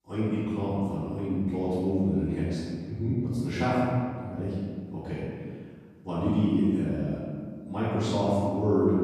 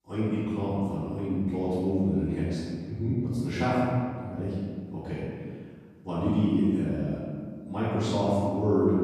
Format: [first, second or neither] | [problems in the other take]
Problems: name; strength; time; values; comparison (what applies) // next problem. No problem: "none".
neither | off-mic speech; far; the same in both // room echo; strong; dies away in 1.7 s; the same in both